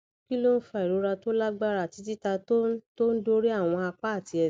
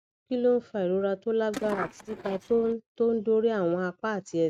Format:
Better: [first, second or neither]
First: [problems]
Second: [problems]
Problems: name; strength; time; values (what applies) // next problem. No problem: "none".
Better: first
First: none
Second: noise reduction (neural mask model RNNoise)